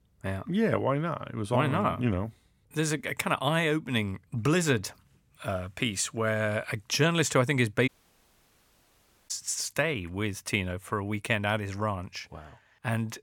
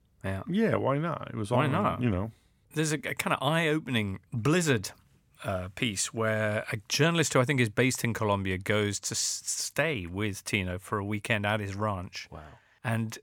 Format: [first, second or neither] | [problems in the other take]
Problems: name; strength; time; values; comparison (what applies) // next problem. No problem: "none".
second | audio cutting out; at 8 s for 1.5 s